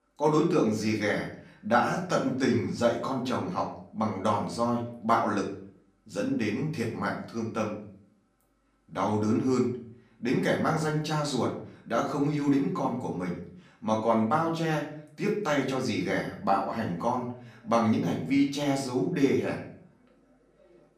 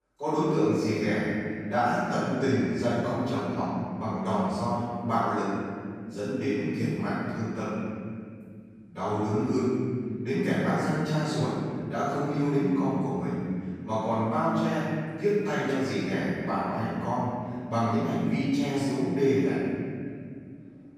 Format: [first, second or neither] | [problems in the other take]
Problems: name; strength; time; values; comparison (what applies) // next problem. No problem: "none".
first | room echo; strong; dies away in 2.6 s; slight in the first // off-mic speech; far; far in the first